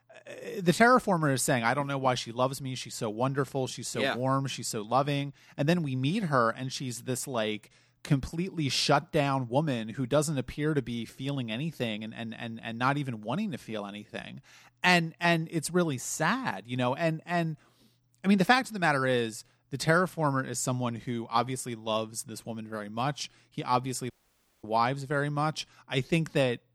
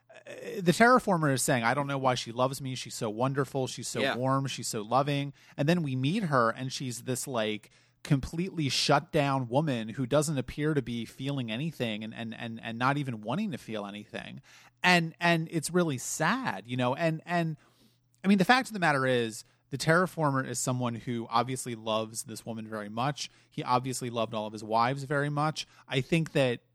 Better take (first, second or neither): second